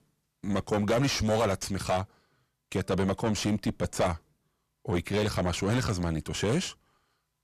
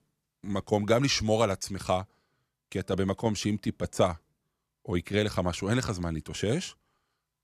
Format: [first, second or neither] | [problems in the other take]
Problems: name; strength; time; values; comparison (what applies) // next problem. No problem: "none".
second | distortion; heavy; 7 dB below the speech